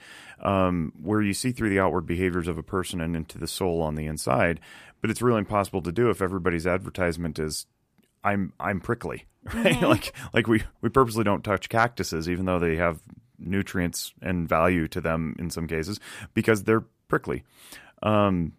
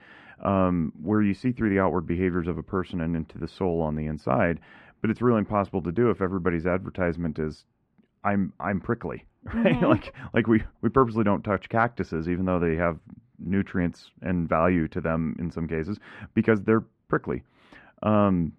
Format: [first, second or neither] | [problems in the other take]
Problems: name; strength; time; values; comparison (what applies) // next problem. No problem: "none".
first | muffled; very; fading above 2 kHz